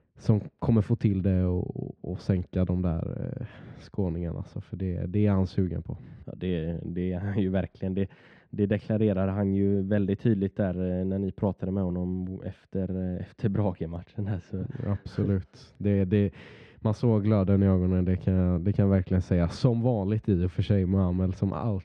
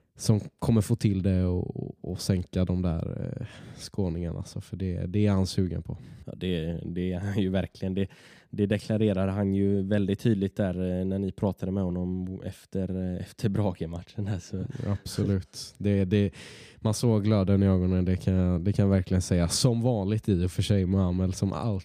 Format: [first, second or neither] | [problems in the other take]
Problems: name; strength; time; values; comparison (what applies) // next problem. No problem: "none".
second | muffled; slightly; fading above 2 kHz